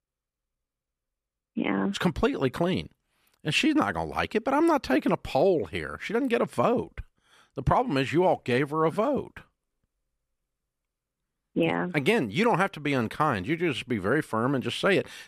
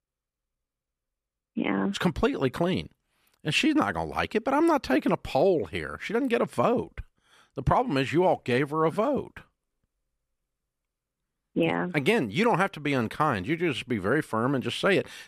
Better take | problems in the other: neither | none

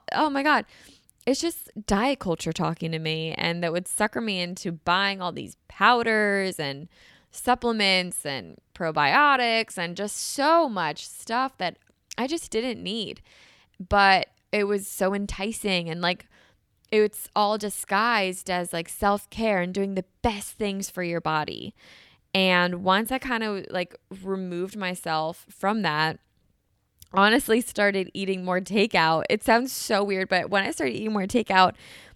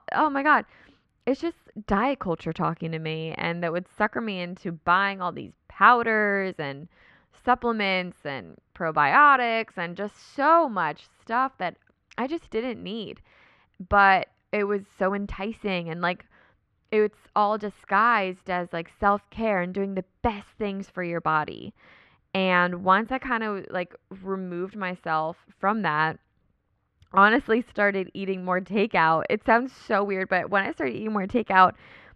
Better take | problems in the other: first | muffled; very; fading above 2 kHz

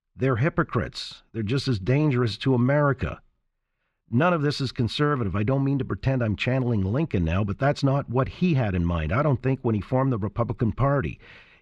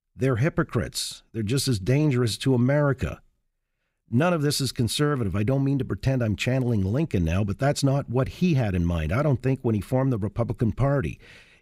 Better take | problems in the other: second | muffled; very slightly; fading above 3.5 kHz

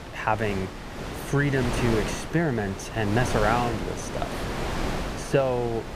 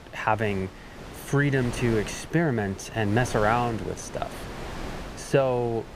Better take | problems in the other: second | wind noise on the microphone; heavy; 6 dB below the speech; occasional gusts in the second

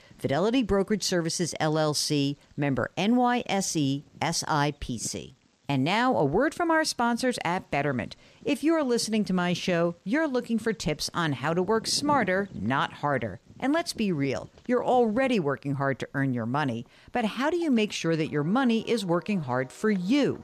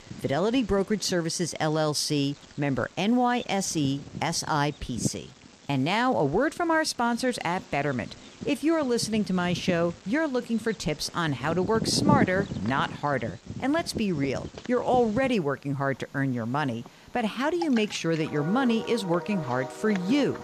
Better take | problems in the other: first | animal sounds; loud; throughout; 9 dB below the speech; faint in the first

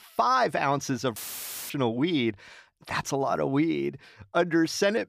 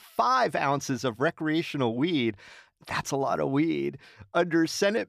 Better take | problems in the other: second | audio cutting out; filled with static; at 1 s for 0.5 s

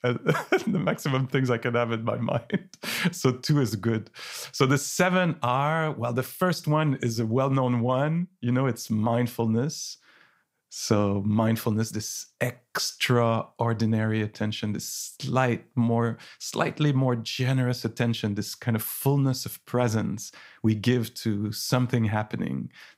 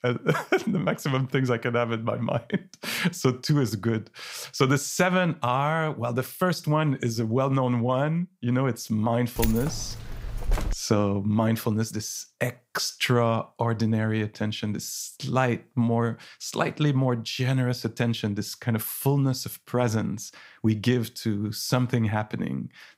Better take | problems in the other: first | jangling keys; noticeable; from 9.5 to 11 s; peak 5 dB below the speech

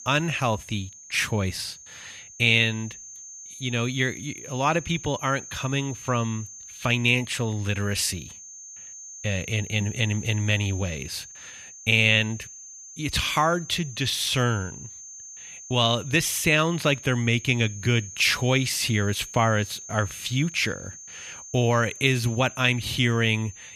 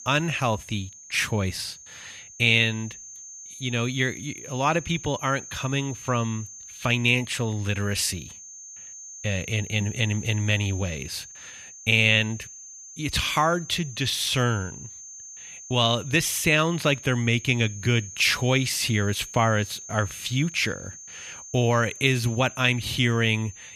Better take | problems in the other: neither | high-pitched whine; noticeable; throughout; 6.5 kHz, 15 dB below the speech; the same in both

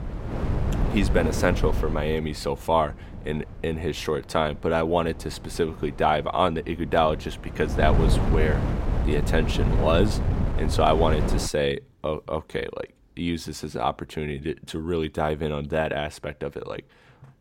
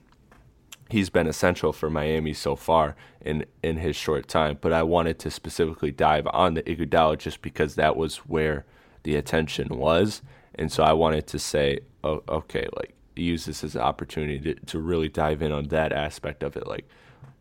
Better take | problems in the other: second | wind noise on the microphone; heavy; until 11 s; 8 dB below the speech

